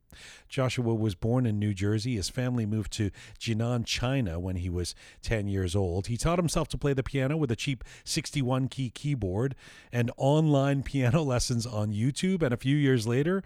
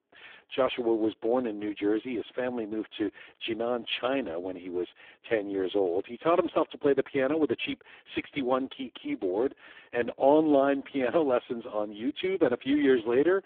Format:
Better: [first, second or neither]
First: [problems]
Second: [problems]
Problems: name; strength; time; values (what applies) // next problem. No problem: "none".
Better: first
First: none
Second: phone-call audio; poor line; nothing above 3.5 kHz